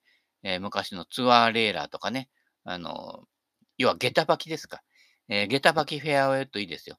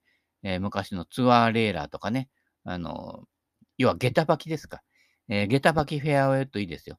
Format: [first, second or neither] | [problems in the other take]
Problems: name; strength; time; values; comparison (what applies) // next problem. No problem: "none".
second | thin; very slightly; fading below 950 Hz